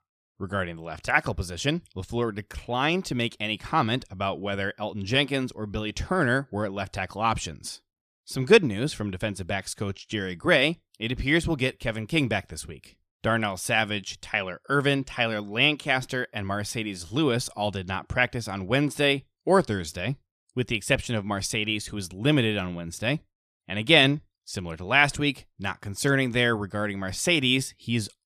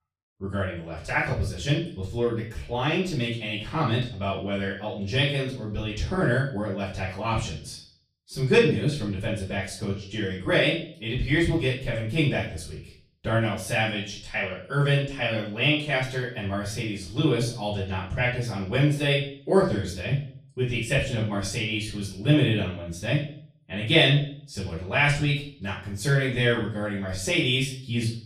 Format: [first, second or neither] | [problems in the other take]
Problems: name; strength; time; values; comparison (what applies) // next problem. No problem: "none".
first | off-mic speech; far // room echo; noticeable; dies away in 0.5 s